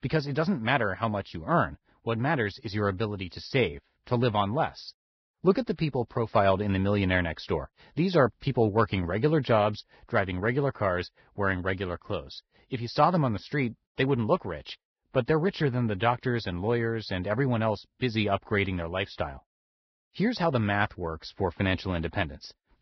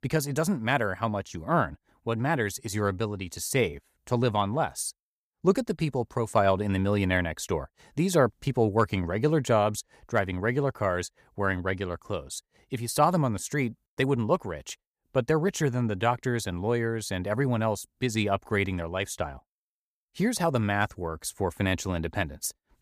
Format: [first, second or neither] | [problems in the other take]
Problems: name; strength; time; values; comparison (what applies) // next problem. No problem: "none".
second | garbled, watery; badly; nothing above 5.5 kHz